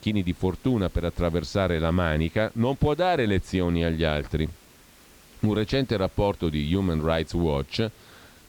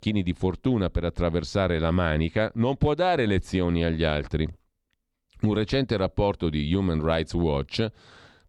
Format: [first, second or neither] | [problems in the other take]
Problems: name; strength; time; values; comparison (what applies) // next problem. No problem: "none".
second | hiss; faint; throughout; 25 dB below the speech